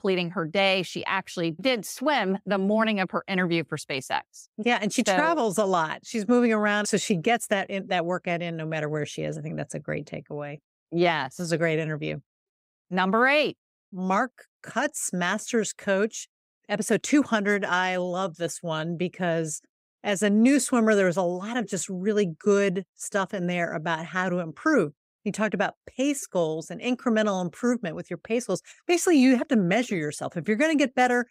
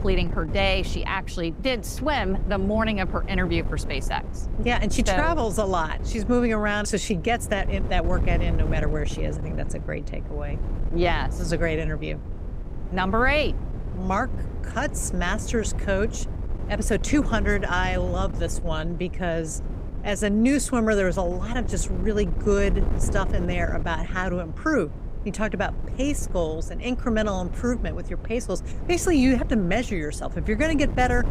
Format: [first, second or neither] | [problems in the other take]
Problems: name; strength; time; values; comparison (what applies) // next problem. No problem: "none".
first | wind noise on the microphone; occasional gusts; 15 dB below the speech